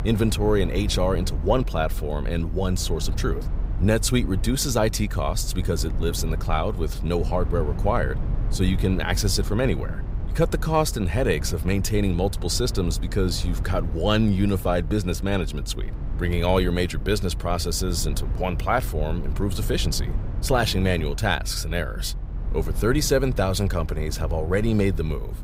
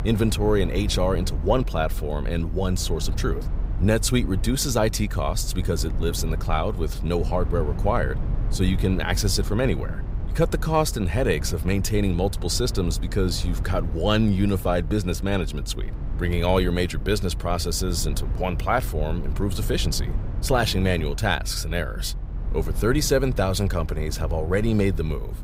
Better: neither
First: low rumble; noticeable; throughout; 15 dB below the speech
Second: low rumble; noticeable; throughout; 15 dB below the speech

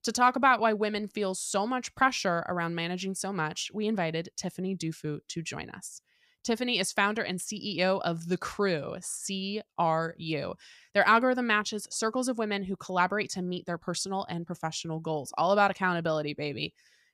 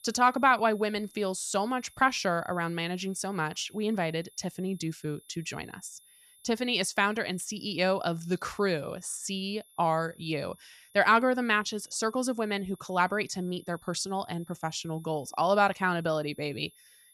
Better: first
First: none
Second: high-pitched whine; faint; throughout; 10.5 kHz, 25 dB below the speech

